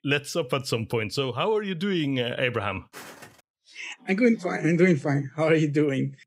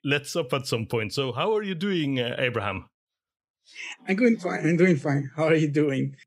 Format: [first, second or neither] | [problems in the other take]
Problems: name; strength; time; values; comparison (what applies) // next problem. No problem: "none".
second | footsteps; faint; at 3 s; peak 20 dB below the speech